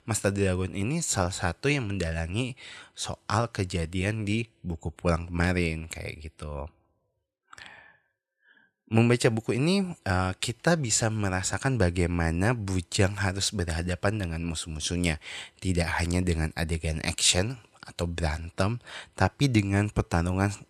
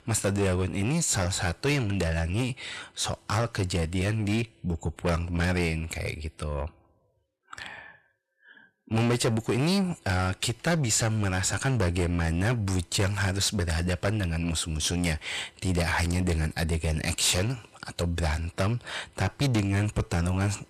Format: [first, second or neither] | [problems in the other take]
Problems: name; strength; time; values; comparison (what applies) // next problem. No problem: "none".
first | distortion; heavy; 6 dB below the speech